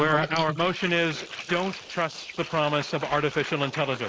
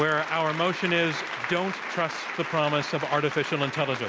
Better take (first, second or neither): second